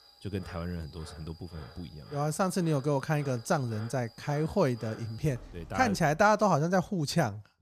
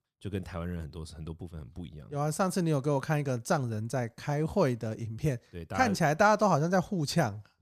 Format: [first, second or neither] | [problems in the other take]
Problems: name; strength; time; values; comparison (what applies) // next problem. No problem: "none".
second | animal sounds; faint; until 6 s; 20 dB below the speech